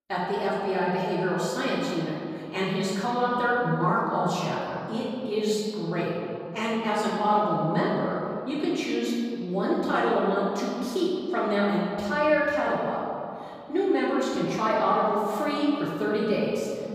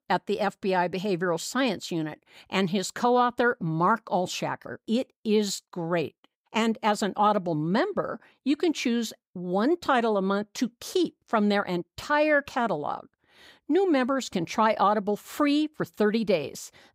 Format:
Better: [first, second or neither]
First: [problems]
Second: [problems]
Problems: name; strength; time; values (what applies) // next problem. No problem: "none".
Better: second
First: off-mic speech; far // room echo; strong; dies away in 2.3 s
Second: none